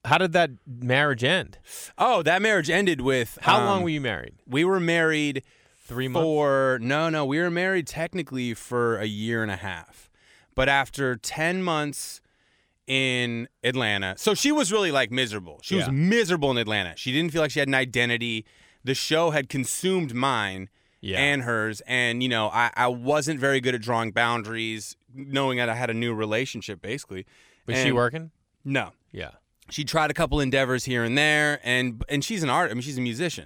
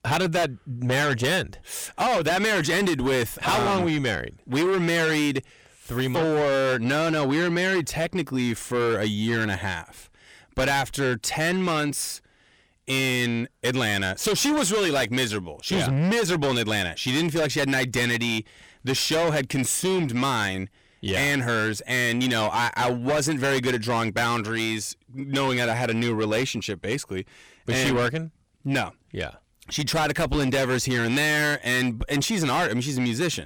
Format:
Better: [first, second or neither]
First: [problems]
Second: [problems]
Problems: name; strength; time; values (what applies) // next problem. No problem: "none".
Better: first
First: none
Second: distortion; heavy; 6 dB below the speech